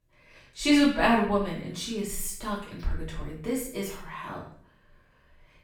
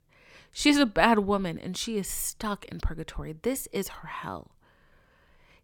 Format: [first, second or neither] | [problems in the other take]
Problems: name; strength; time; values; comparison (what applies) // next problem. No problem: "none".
second | off-mic speech; far // room echo; noticeable; dies away in 0.5 s